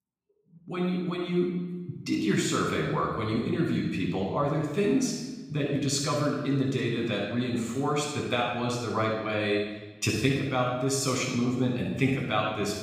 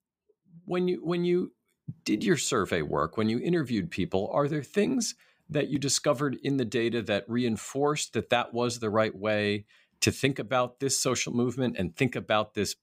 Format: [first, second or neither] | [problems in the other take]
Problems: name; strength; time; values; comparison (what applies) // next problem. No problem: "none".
second | off-mic speech; far // room echo; noticeable; dies away in 1.1 s